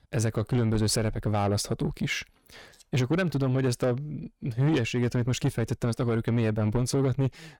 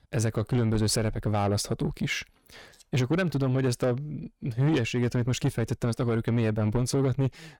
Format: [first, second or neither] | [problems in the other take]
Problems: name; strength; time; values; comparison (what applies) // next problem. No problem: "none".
neither | distortion; slight; 10 dB below the speech; the same in both